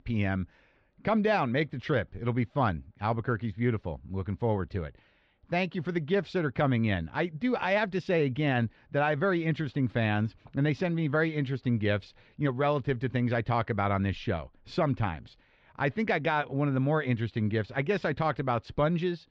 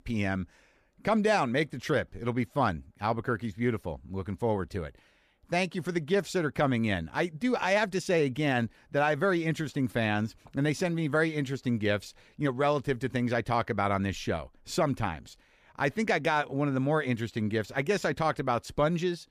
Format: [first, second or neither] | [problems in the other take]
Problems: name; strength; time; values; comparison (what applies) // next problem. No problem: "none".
second | muffled; slightly; fading above 4 kHz